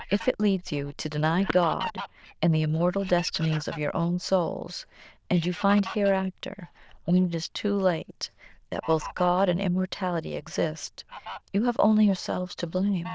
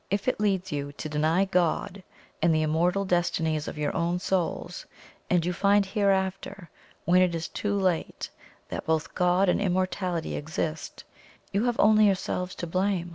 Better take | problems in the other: second | noise reduction (neural diffusion model UNIVERSE++)

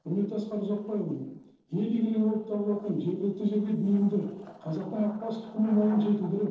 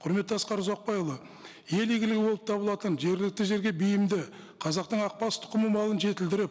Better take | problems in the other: second | noise reduction (neural separator model SepFormer DNS4)

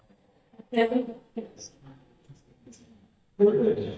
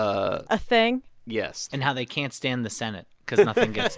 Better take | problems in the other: second | noise reduction (neural mask model DeepFilterNet 3)

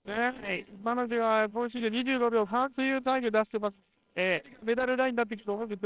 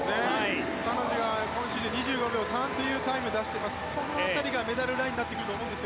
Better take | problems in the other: second | noise reduction (neural separator model SepFormer WHAMR!)

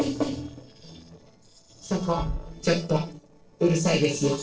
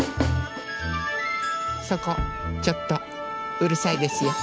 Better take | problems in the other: second | noise reduction (neural separator model SepFormer DNS4)

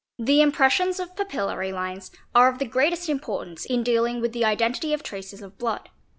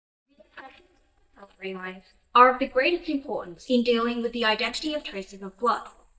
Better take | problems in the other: first | noise reduction (neural mask model DeepFilterNet 3)

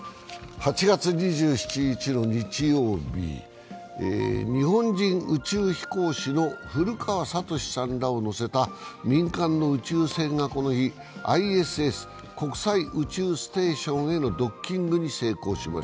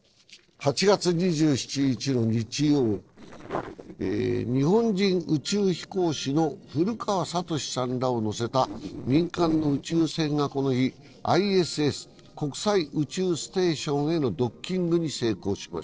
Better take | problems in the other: first | noise reduction (neural separator model SepFormer DNS4)

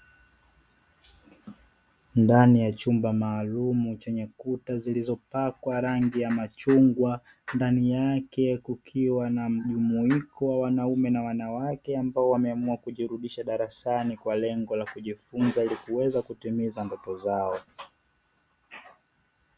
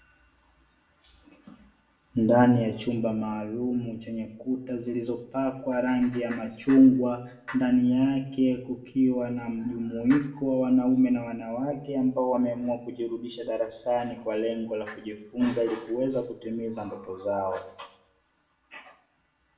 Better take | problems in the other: first | room echo; dies away in 0.6 s

